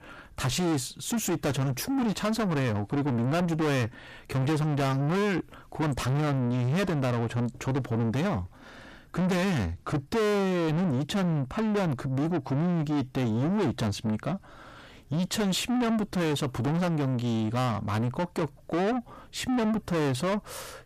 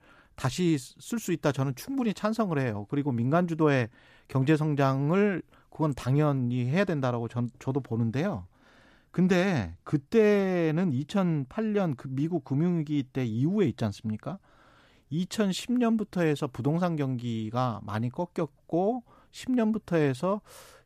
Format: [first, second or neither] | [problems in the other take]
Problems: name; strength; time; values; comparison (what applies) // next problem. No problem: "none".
second | distortion; heavy; 6 dB below the speech